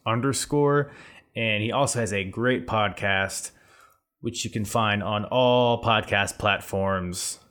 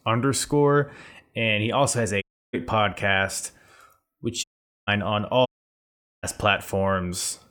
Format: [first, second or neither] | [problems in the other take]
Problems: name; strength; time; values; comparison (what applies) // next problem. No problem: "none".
first | audio cutting out; at 2 s, at 4.5 s and at 5.5 s for 1 s